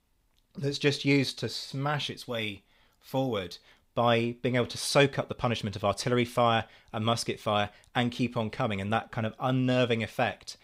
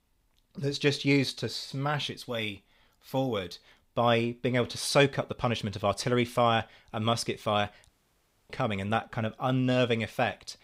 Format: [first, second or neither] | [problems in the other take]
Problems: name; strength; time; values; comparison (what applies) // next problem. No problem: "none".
first | audio cutting out; at 8 s for 0.5 s